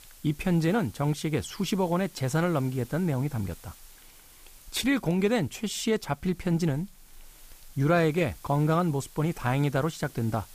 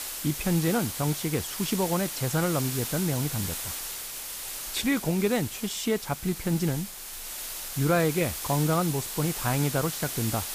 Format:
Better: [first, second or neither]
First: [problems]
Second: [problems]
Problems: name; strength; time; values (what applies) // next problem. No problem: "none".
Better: first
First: hiss; faint; throughout; 25 dB below the speech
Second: hiss; loud; throughout; 5 dB below the speech